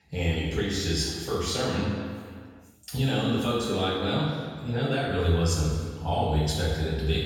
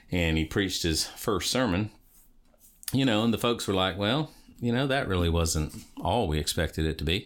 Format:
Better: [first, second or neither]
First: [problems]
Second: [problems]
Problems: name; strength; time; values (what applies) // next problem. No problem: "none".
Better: second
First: room echo; strong; dies away in 1.6 s // off-mic speech; far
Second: none